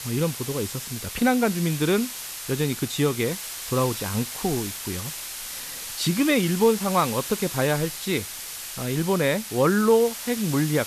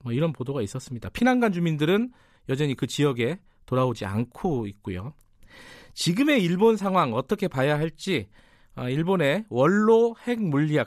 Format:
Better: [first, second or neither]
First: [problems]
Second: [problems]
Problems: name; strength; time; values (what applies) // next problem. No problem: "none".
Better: second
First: hiss; loud; throughout; 8 dB below the speech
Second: none